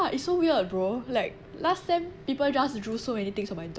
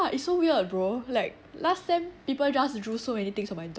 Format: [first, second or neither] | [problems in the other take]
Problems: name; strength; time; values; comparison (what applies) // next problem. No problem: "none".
second | background sound (Rain); 19 dB below the speech